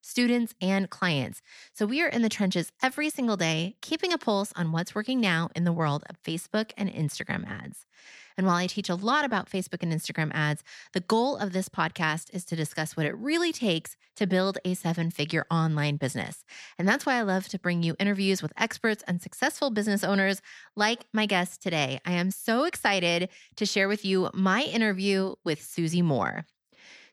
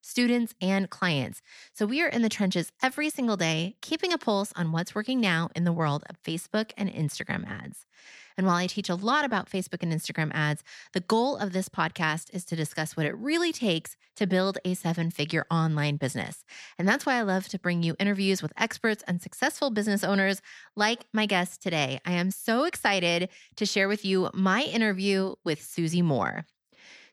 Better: neither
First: none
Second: none

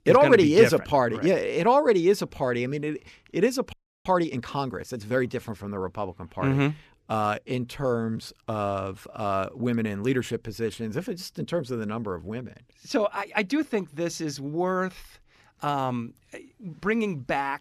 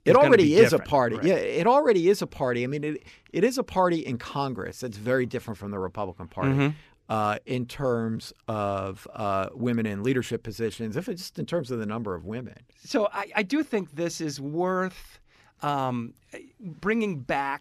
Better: second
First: audio freezing; at 3.5 s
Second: none

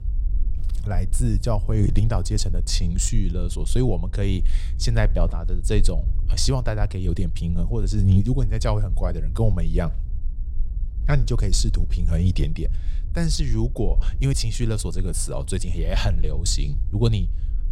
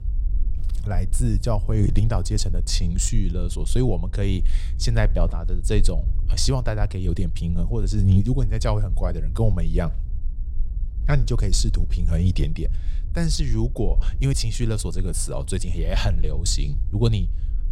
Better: neither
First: low rumble; noticeable; throughout; 20 dB below the speech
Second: low rumble; noticeable; throughout; 20 dB below the speech

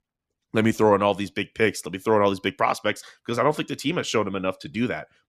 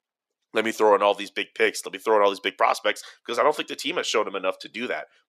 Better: first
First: none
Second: thin; somewhat; fading below 500 Hz

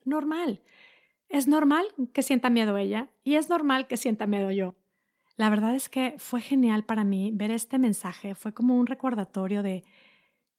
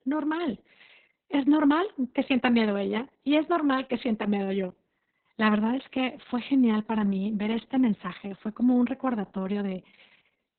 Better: first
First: garbled, watery; slightly; nothing above 18.5 kHz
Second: garbled, watery; badly; nothing above 4 kHz

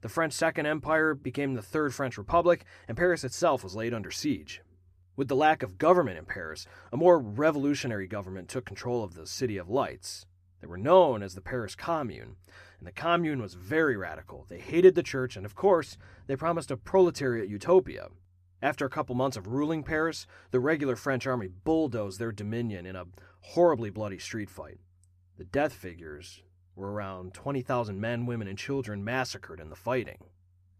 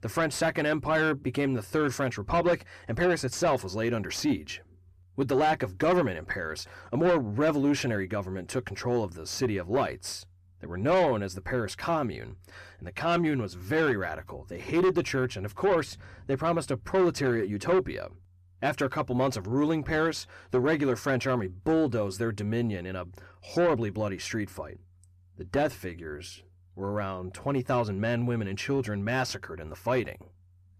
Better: first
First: none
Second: distortion; heavy; 7 dB below the speech

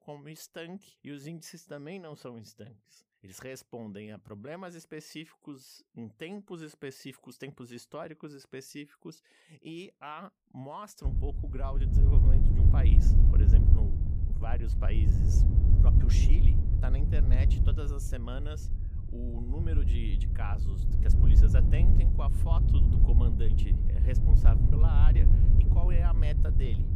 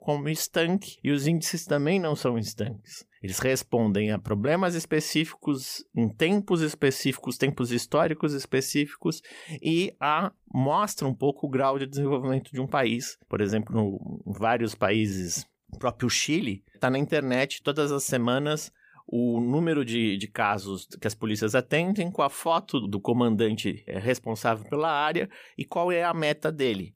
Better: second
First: wind noise on the microphone; heavy; from 11 s on; 1 dB above the speech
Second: none

